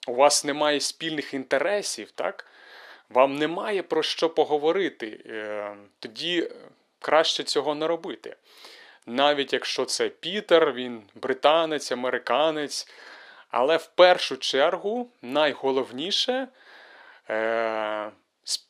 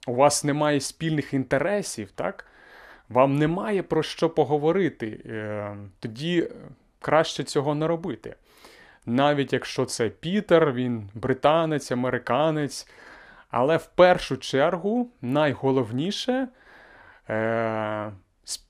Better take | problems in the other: second | thin; somewhat; fading below 400 Hz

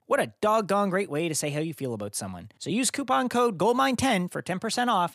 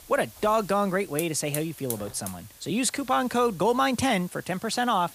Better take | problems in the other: first | hiss; noticeable; throughout; 15 dB below the speech

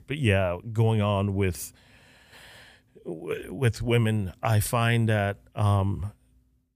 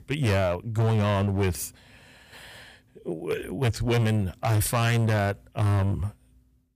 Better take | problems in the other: first | distortion; slight; 14% of the sound clipped

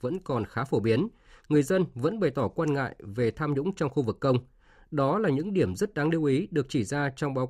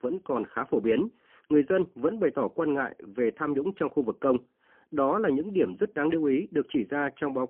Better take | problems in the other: first | phone-call audio; poor line; nothing above 3 kHz

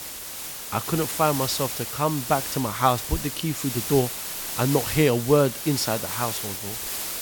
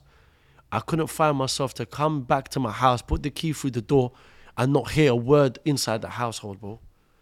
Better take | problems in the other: second | hiss; loud; throughout; 5 dB below the speech

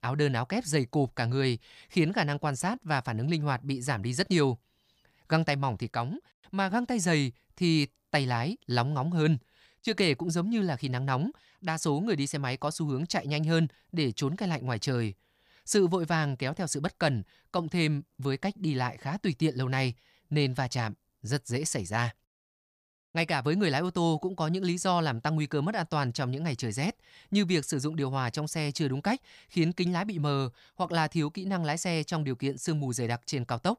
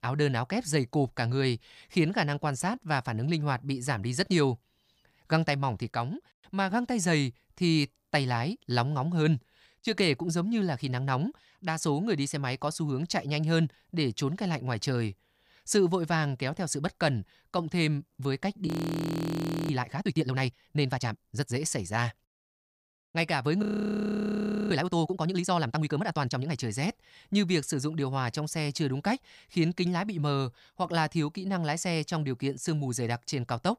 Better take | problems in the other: first | audio freezing; at 19 s for 1 s and at 24 s for 1 s

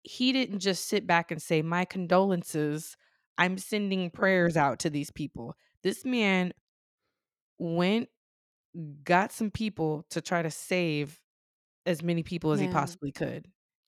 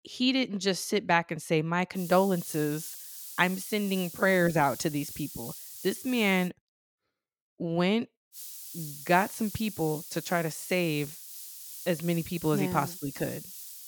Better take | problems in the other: first | hiss; noticeable; from 2 to 6.5 s and from 8.5 s on; 10 dB below the speech

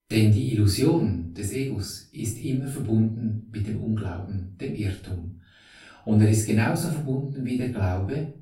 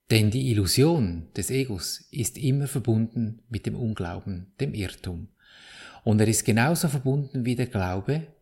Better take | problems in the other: second | off-mic speech; far // room echo; slight; dies away in 0.3 s

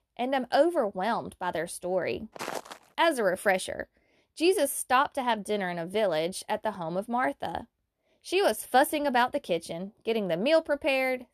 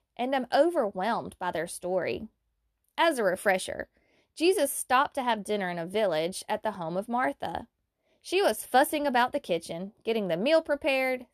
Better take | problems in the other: second | footsteps; noticeable; at 2.5 s; peak 9 dB below the speech

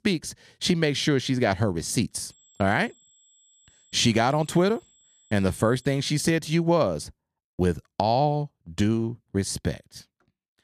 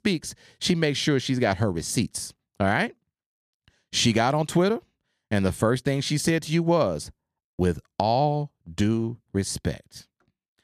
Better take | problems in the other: second | high-pitched whine; faint; from 2 to 6 s; 7.5 kHz, 30 dB below the speech

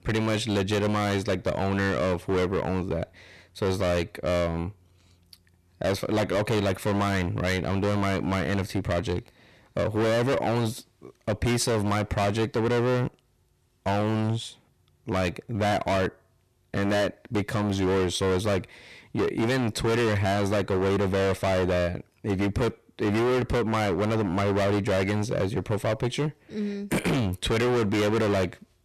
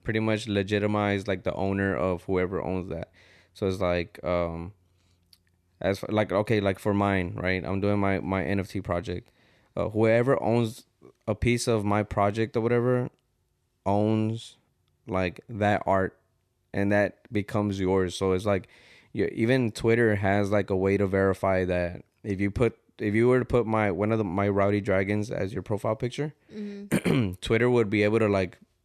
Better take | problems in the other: second | distortion; heavy; 24% of the sound clipped

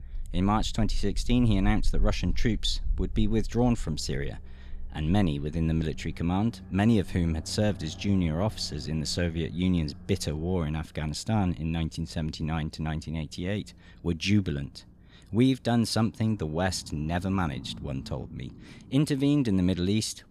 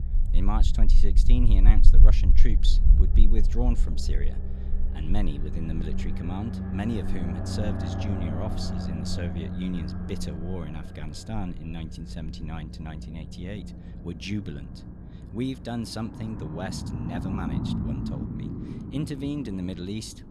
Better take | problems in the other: first | low rumble; loud; throughout; 4 dB below the speech; faint in the first

